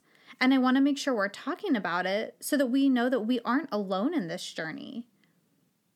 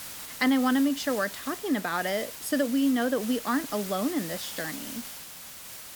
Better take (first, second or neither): first